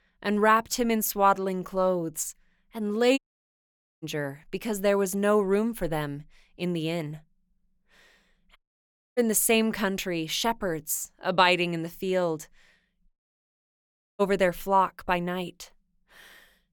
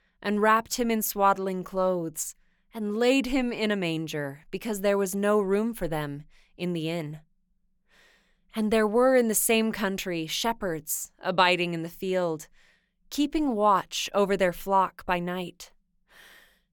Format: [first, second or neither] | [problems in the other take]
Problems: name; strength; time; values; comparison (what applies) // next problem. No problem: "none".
second | audio cutting out; at 3 s for 1 s, at 8.5 s for 0.5 s and at 13 s for 1 s